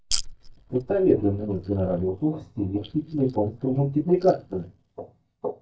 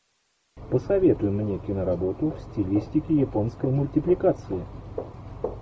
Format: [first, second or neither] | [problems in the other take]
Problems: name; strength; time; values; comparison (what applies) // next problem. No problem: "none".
second | noise reduction (neural mask model DeepFilterNet 3)